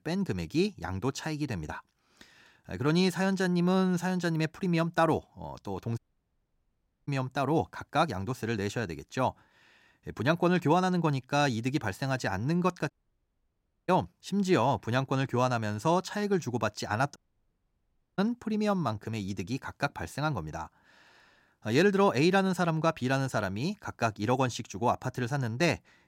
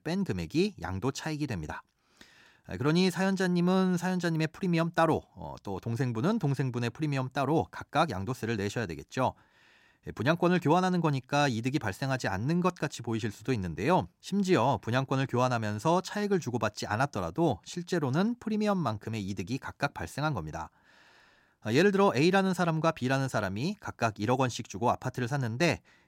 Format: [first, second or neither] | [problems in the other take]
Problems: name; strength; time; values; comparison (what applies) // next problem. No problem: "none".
second | audio cutting out; at 6 s for 1 s, at 13 s for 1 s and at 17 s for 1 s